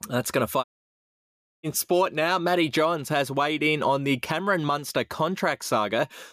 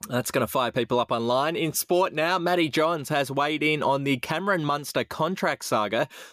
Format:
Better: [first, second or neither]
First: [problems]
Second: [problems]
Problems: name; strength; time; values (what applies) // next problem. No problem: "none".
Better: second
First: audio cutting out; at 0.5 s for 1 s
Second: none